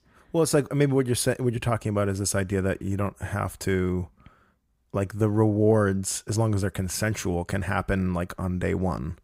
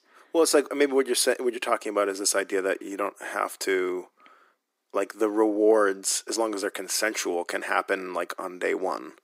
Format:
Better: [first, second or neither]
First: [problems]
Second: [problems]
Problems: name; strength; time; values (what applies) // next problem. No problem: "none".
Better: first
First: none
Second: thin; very; fading below 300 Hz